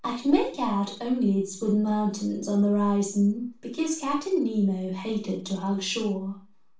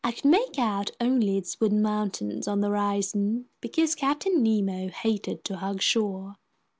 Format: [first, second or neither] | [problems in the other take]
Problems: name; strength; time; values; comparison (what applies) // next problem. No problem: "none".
second | room echo; dies away in 0.4 s